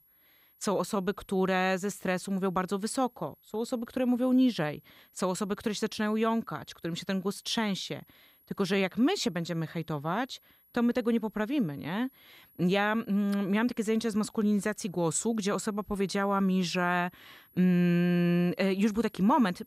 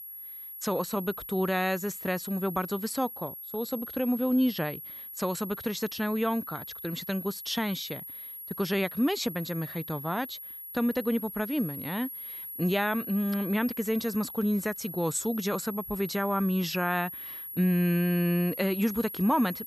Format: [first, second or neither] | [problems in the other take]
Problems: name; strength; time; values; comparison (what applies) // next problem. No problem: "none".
first | high-pitched whine; loud; throughout; 11.5 kHz, 9 dB below the speech; faint in the first